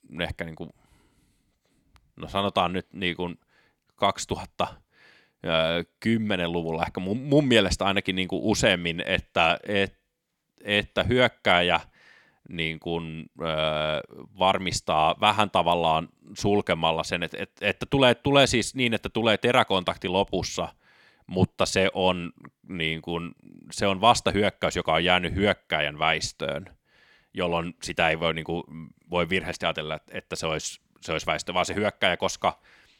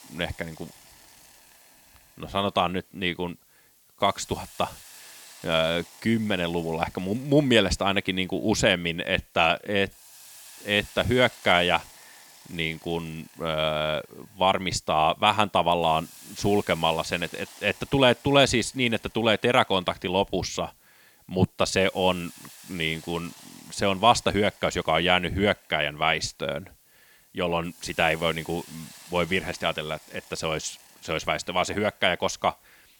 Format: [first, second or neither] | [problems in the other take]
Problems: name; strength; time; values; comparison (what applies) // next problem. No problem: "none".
first | hiss; faint; throughout; 25 dB below the speech